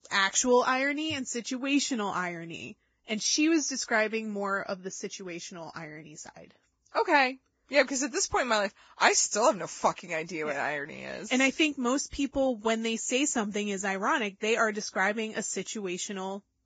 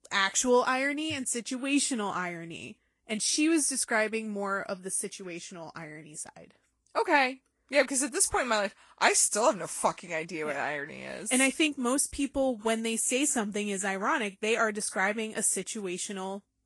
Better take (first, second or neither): second